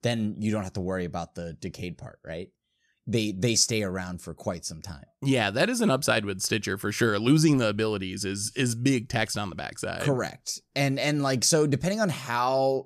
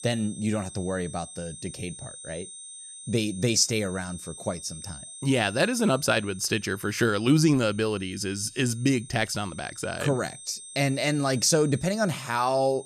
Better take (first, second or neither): first